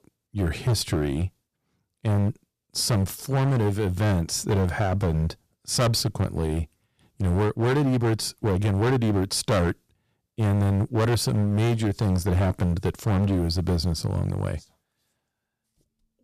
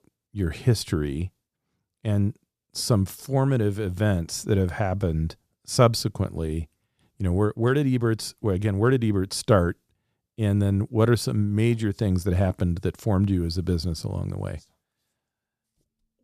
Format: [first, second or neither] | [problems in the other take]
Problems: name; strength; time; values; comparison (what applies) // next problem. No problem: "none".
second | distortion; heavy; 15% of the sound clipped